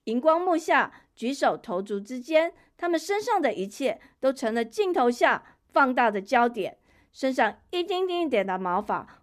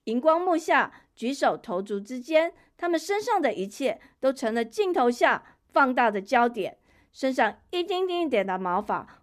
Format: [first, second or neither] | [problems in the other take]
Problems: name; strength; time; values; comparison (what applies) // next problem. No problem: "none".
neither | none